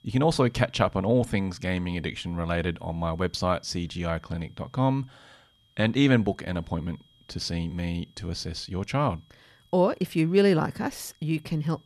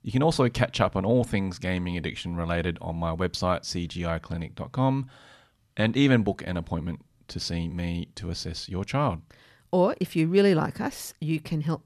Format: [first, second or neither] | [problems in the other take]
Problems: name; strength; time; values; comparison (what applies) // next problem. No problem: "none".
second | high-pitched whine; faint; throughout; 3 kHz, 35 dB below the speech